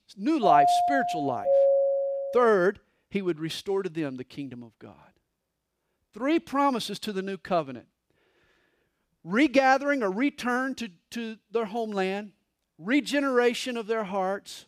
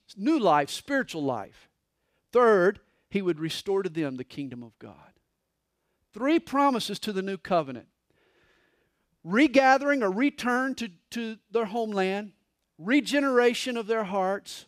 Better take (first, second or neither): second